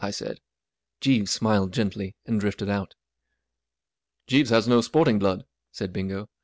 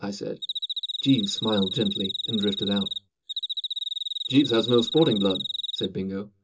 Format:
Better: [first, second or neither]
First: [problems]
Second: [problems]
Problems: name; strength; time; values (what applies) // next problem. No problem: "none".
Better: first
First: none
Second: background sound (Cricket); 5 dB below the speech // room echo; dies away in 0.2 s